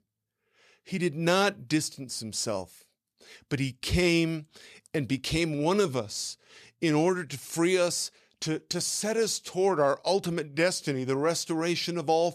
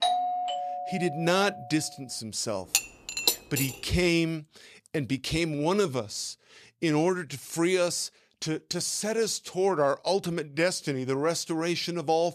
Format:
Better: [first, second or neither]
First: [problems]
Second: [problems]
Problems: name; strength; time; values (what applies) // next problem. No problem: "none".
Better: first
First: none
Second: doorbell; loud; until 1.5 s; peak 2 dB above the speech // clattering dishes; loud; at 2.5 s; peak 2 dB above the speech